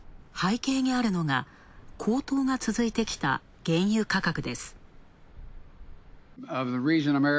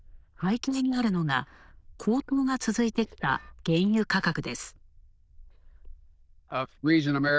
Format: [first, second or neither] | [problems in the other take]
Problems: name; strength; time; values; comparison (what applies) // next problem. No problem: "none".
first | noise reduction (neural diffusion model UNIVERSE++)